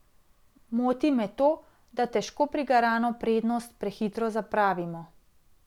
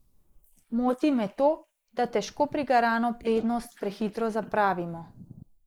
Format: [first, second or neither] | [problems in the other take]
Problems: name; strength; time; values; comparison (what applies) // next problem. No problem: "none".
first | noise reduction (neural mask model Resemble Enhance denoiser)